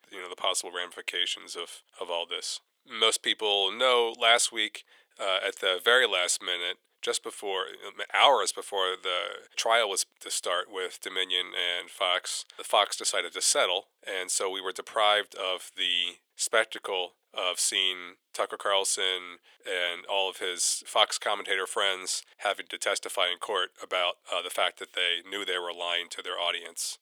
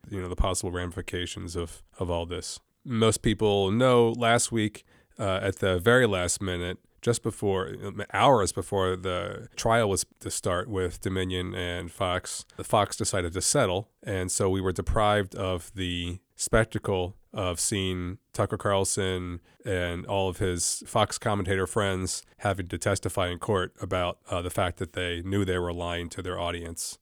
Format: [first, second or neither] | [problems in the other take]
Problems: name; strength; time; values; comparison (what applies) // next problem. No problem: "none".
second | thin; very; fading below 500 Hz